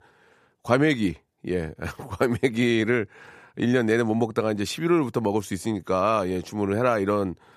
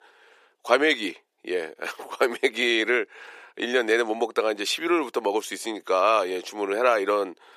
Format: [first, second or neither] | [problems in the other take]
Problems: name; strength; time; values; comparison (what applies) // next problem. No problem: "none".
first | thin; very; fading below 350 Hz